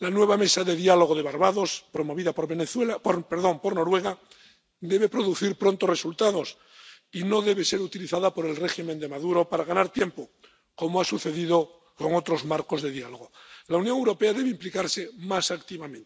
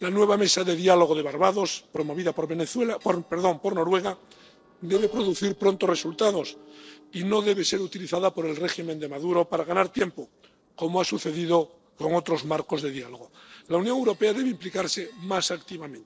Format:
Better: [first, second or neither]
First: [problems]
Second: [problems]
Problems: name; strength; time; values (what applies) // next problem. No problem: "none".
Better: first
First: none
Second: noise reduction (neural separator model SepFormer DNS4)